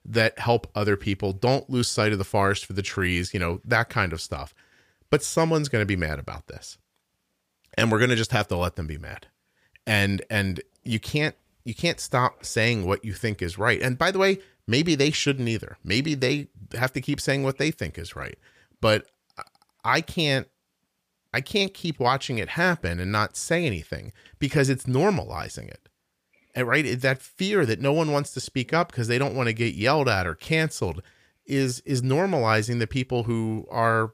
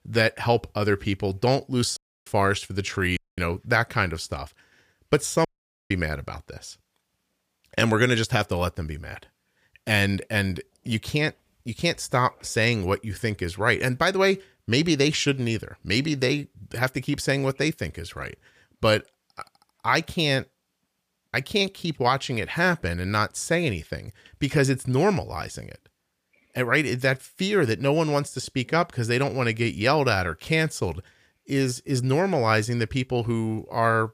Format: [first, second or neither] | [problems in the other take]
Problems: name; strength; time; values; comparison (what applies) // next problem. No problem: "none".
first | audio cutting out; at 2 s, at 3 s and at 5.5 s